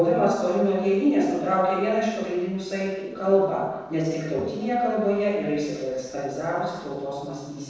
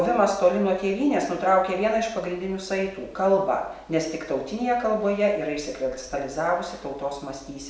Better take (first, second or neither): second